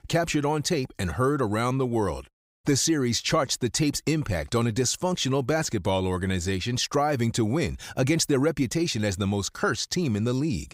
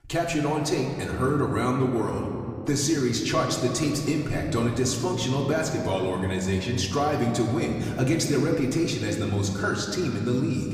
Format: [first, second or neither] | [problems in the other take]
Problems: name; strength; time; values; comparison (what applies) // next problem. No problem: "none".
first | room echo; noticeable; dies away in 2.7 s // off-mic speech; far